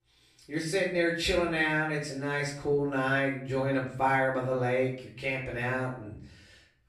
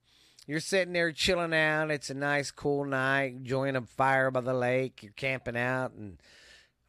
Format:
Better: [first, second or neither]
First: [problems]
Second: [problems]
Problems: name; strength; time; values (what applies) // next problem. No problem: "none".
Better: second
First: off-mic speech; far // room echo; slight; dies away in 0.5 s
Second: none